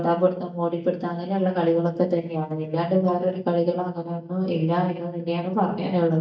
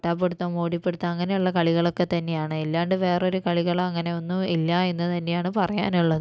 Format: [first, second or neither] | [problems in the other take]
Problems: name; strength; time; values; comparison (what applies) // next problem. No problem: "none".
second | noise reduction (neural mask model DeepFilterNet 3)